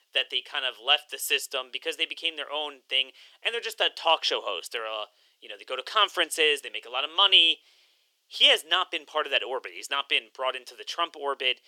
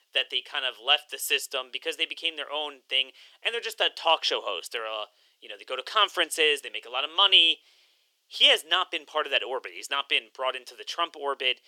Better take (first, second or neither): neither